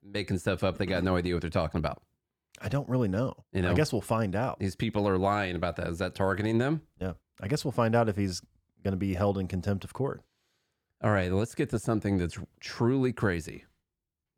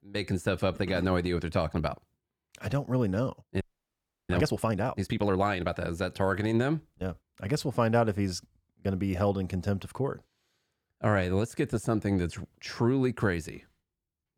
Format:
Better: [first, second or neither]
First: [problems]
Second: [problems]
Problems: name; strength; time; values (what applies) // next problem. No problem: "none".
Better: first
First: none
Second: audio freezing; at 3.5 s for 0.5 s